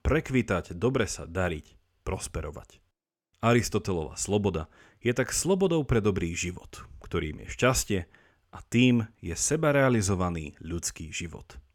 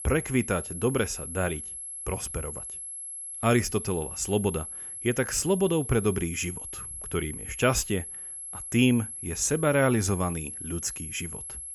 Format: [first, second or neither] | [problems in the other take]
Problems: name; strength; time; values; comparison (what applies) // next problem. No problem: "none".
first | high-pitched whine; loud; throughout; 11 kHz, 8 dB below the speech